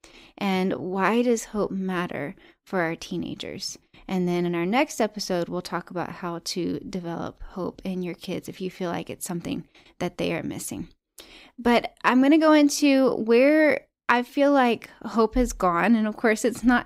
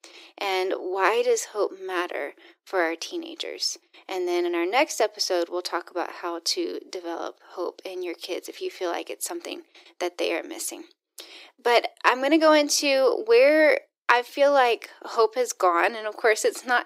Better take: first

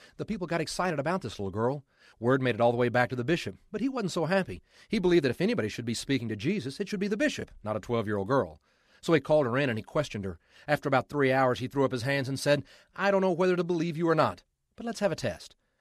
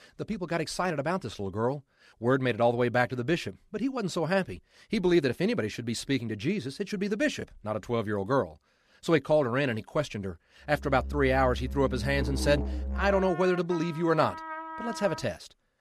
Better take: first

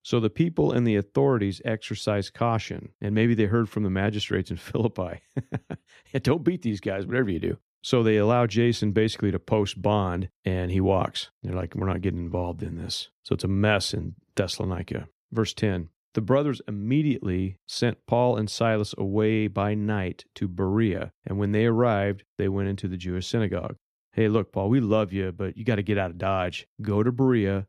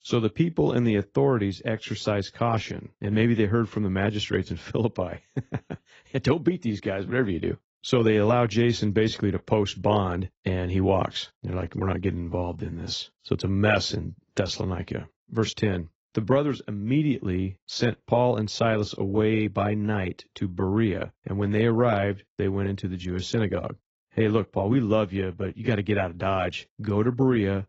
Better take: first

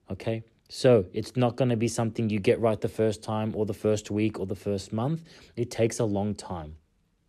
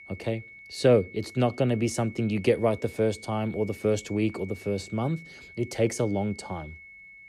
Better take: first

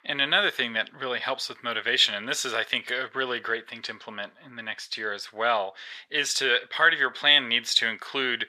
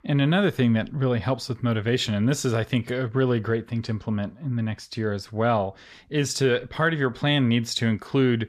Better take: second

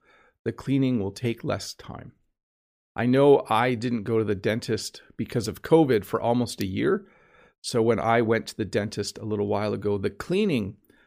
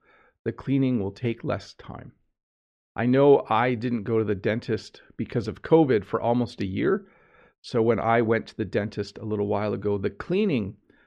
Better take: first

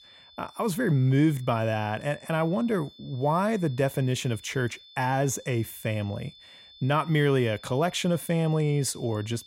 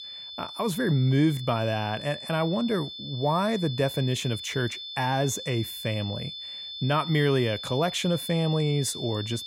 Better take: first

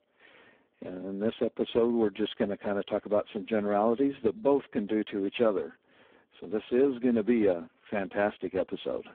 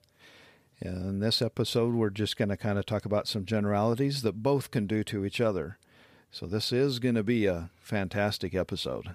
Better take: second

